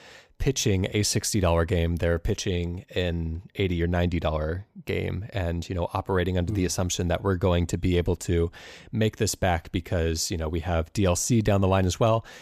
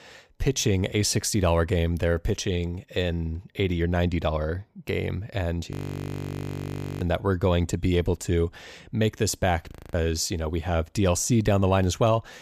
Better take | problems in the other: first | audio freezing; at 5.5 s for 1.5 s and at 9.5 s

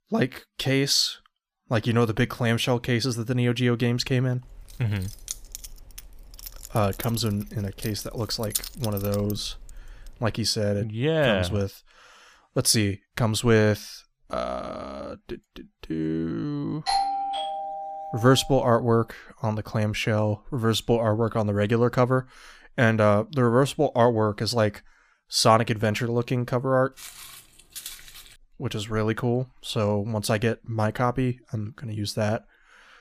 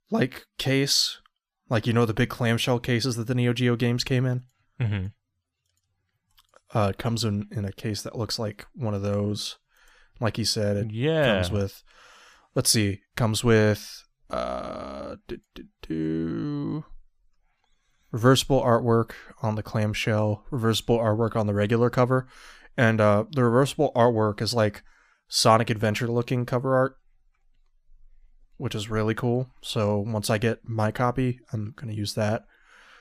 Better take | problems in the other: second | jangling keys; noticeable; from 4.5 to 10 s; peak 5 dB below the speech // doorbell; loud; from 17 to 18 s; peak level with the speech // footsteps; faint; from 27 to 28 s; peak 10 dB below the speech

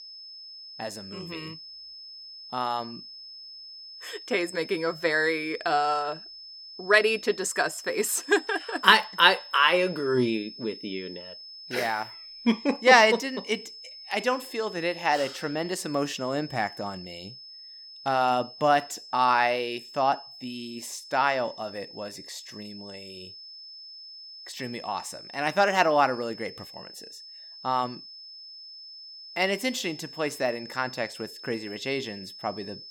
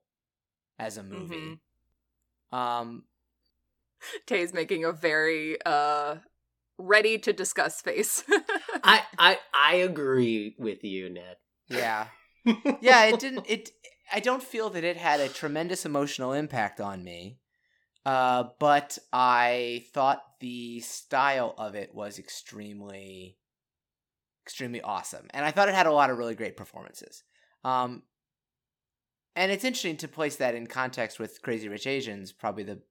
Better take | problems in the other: second | high-pitched whine; noticeable; throughout; 5 kHz, 15 dB below the speech

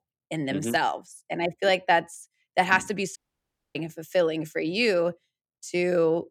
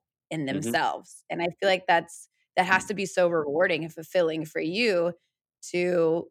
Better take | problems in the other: second | audio cutting out; at 3 s for 0.5 s

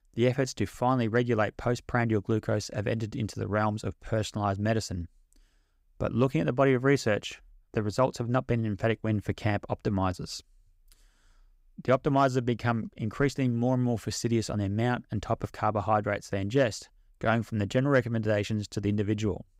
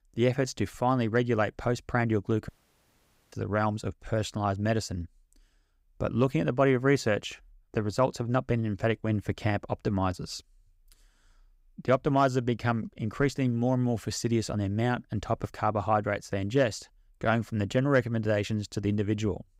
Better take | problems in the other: first | audio cutting out; at 2.5 s for 1 s

